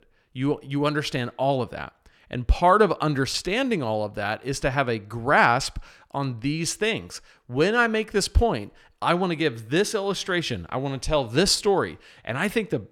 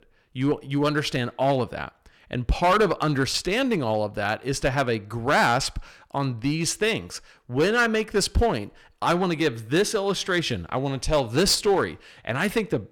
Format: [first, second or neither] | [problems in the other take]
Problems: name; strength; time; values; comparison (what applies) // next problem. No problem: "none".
first | distortion; slight; 5% of the sound clipped